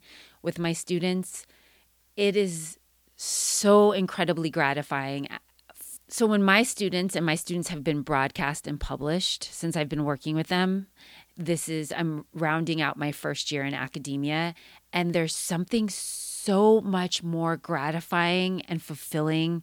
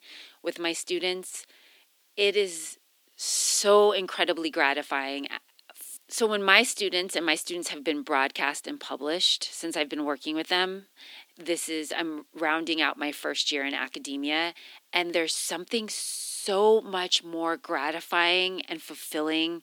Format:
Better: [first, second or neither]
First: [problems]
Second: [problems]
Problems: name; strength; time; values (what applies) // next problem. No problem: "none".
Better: first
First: none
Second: thin; somewhat; fading below 250 Hz